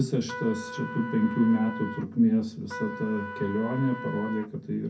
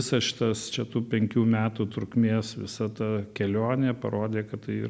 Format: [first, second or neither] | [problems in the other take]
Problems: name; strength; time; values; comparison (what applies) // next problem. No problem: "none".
second | background sound (Trumpet); 12 dB below the speech // room echo; dies away in 0.3 s